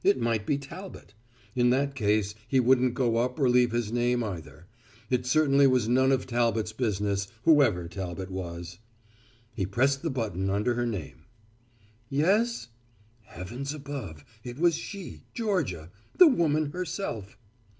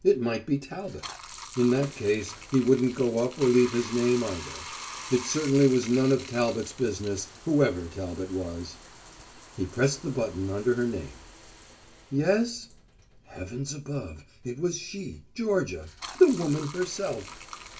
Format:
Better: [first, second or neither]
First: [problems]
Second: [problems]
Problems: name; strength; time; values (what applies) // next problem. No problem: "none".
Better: first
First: none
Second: background sound (Bathtub (filling or washing)); 17 dB below the speech // room echo; dies away in 0.2 s